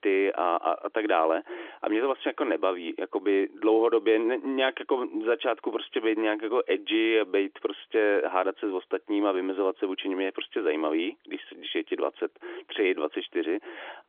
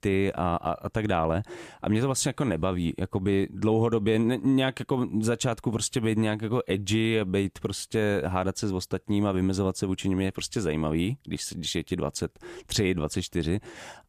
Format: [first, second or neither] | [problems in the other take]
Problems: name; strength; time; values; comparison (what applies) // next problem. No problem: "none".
second | phone-call audio; nothing above 3.5 kHz